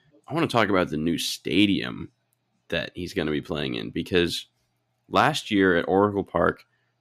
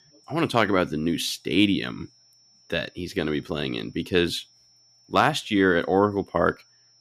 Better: first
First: none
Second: high-pitched whine; faint; throughout; 5.5 kHz, 30 dB below the speech

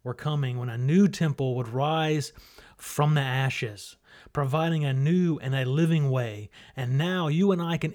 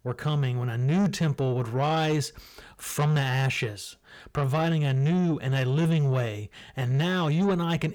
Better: first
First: none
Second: distortion; slight; 10 dB below the speech

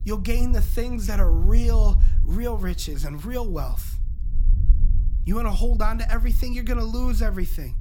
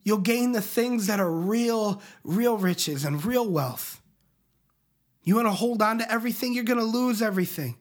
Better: second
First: low rumble; noticeable; throughout; 15 dB below the speech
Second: none

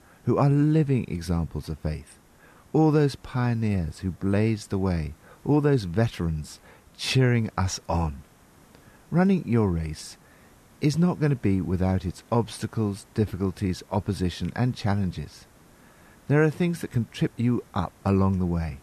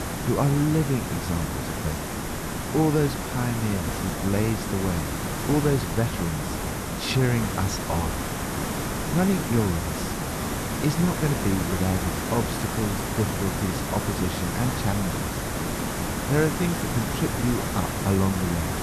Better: first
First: hiss; faint; throughout; 30 dB below the speech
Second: hiss; loud; throughout; 2 dB below the speech

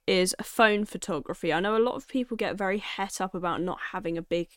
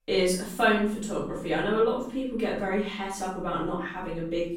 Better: first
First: none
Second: room echo; noticeable; dies away in 0.6 s // off-mic speech; far

